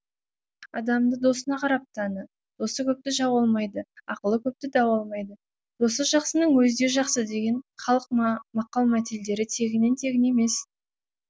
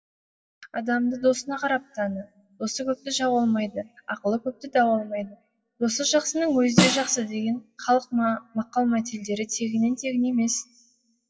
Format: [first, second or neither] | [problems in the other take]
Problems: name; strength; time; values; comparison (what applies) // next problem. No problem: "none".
first | noise reduction (classical method WPE with log-MMSE)